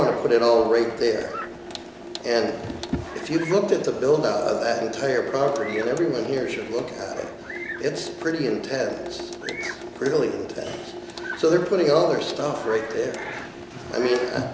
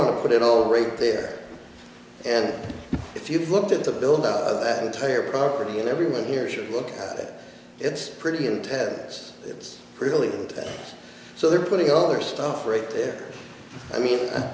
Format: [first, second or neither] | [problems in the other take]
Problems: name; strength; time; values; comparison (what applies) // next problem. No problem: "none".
second | background sound (Sink (filling or washing) / Water tap, faucet + Bird vocalization, bird call, bird song); 12 dB below the speech